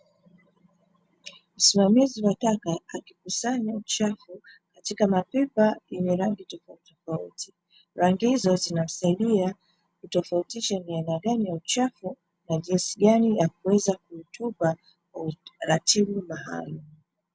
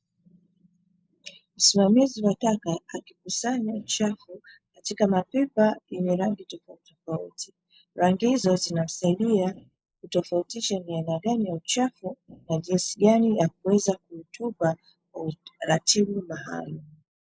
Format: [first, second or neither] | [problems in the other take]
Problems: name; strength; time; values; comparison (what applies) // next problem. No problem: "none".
first | noise reduction (neural mask model Resemble Enhance denoiser)